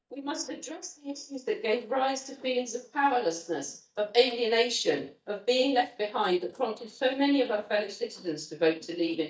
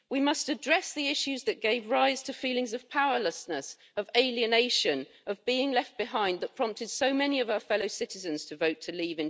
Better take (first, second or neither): second